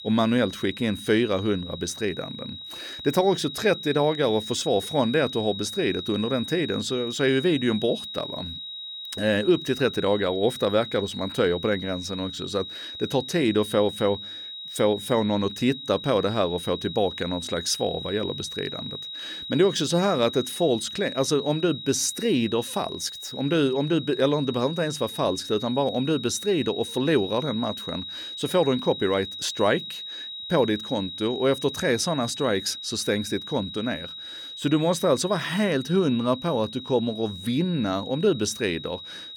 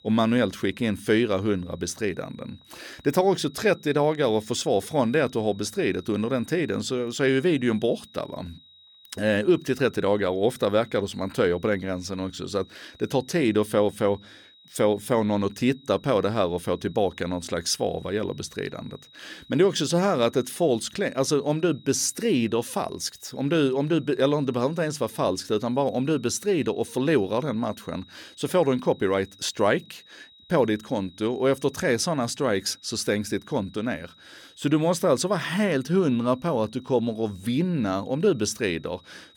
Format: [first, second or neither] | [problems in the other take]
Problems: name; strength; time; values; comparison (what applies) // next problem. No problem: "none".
second | high-pitched whine; loud; throughout; 4 kHz, 9 dB below the speech; faint in the second